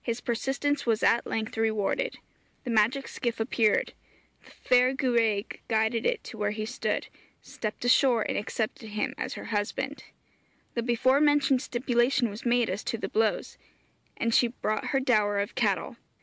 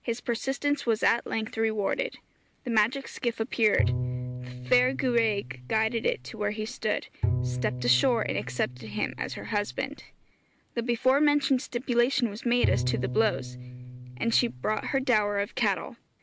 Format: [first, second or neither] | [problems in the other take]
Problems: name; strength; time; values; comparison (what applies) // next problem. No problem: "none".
first | background sound (Bowed string instrument); 5 dB below the speech